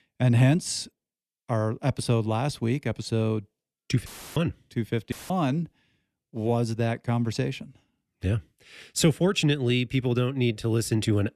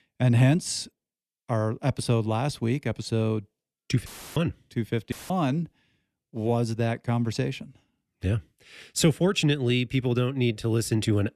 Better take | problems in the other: neither | audio cutting out; filled with static; at 4 s and at 5 s; the same in both

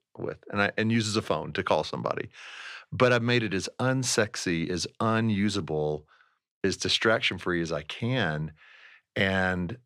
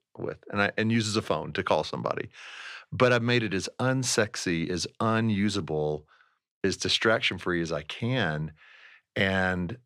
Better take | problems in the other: neither | none

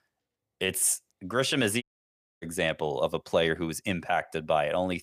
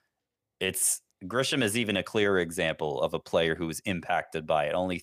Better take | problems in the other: second | audio cutting out; at 2 s for 0.5 s

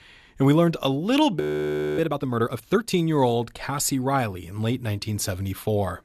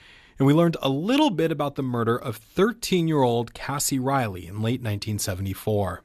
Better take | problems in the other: second | audio freezing; at 1.5 s for 0.5 s

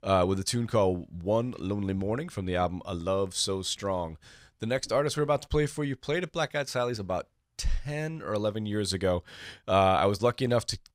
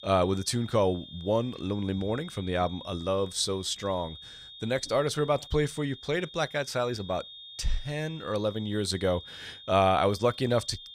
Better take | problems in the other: first | high-pitched whine; noticeable; throughout; 3.5 kHz, 15 dB below the speech

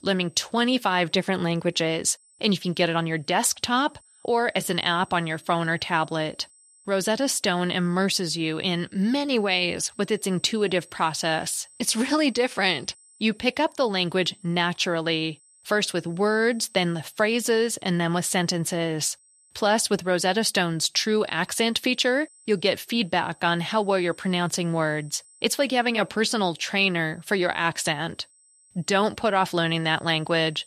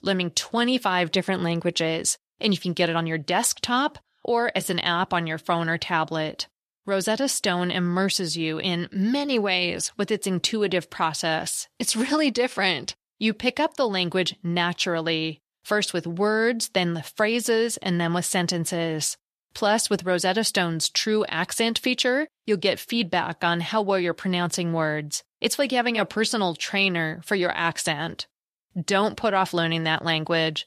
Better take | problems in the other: second | high-pitched whine; faint; throughout; 8 kHz, 30 dB below the speech

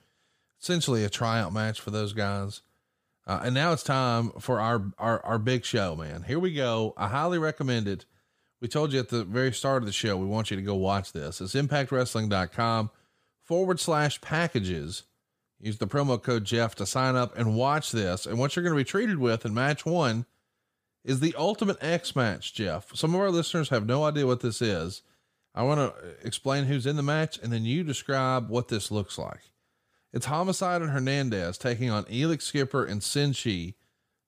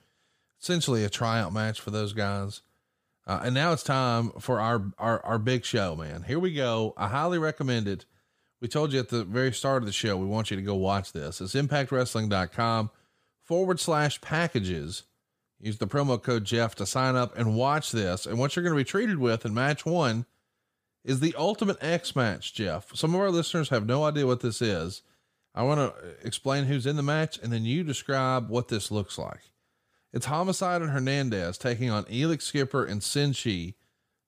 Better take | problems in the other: neither | none

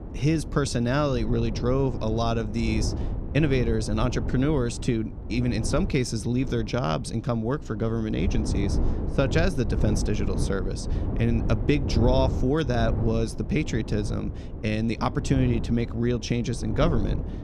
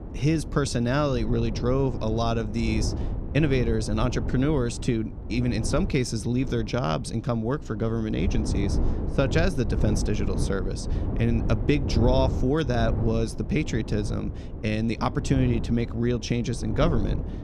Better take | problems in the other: neither | wind noise on the microphone; occasional gusts; 10 dB below the speech; the same in both

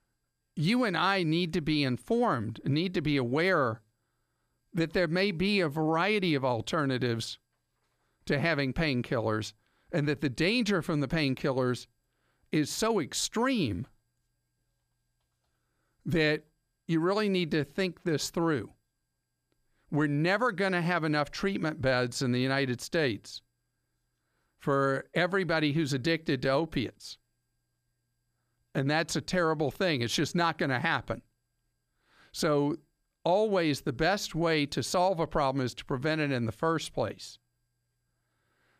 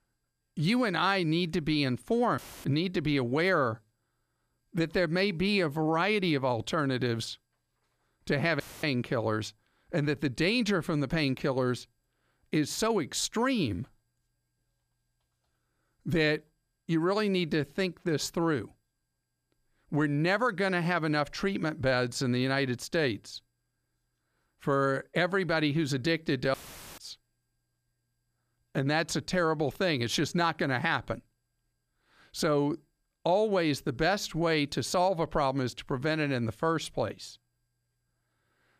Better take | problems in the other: first | audio cutting out; filled with static; at 2.5 s, at 8.5 s and at 27 s

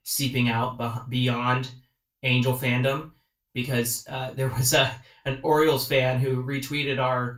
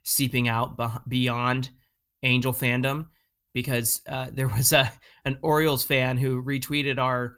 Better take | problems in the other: second | room echo; slight; dies away in 0.2 s // off-mic speech; far

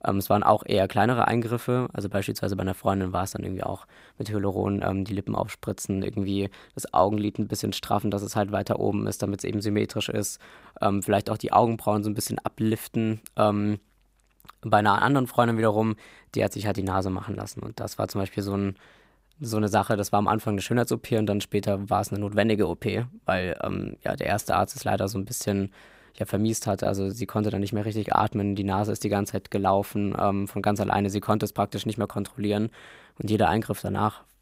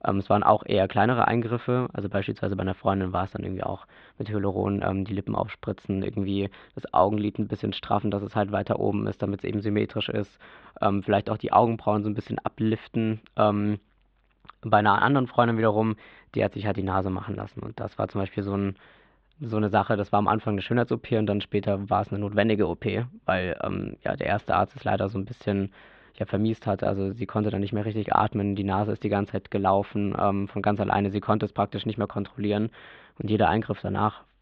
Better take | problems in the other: first | muffled; very; fading above 3.5 kHz

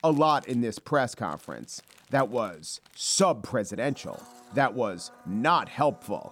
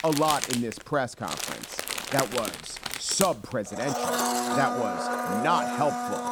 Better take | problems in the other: first | household noises; loud; throughout; 1 dB below the speech; faint in the first

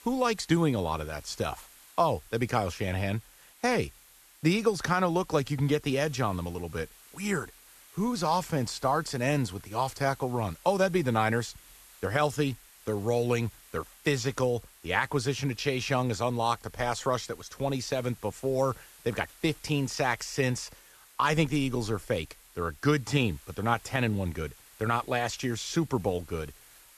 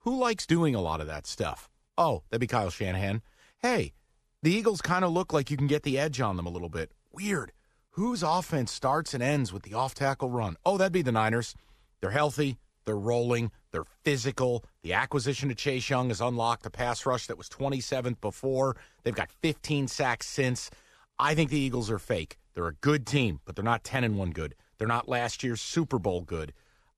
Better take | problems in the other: second | hiss; faint; throughout; 25 dB below the speech

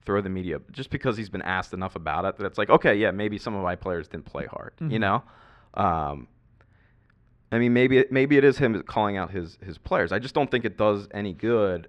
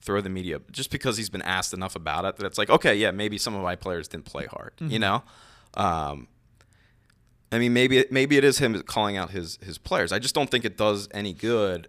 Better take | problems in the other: second | muffled; very; fading above 2 kHz

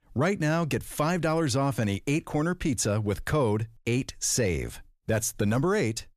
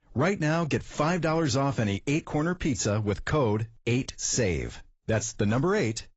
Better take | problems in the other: first | garbled, watery; badly; nothing above 7.5 kHz

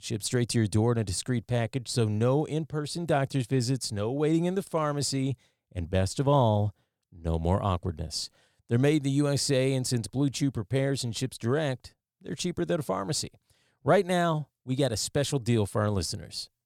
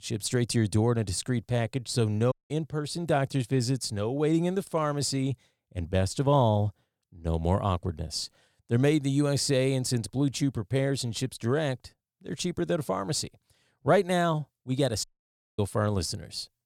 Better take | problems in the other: first | audio cutting out; at 2.5 s and at 15 s for 0.5 s

